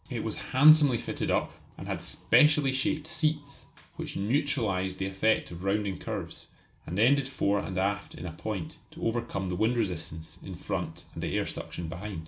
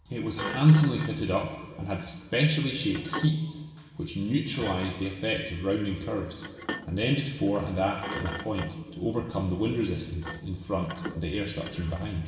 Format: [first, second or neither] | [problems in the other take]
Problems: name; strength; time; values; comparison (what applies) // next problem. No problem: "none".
first | background sound (Thump, thud); 14 dB below the speech // room echo; dies away in 1.9 s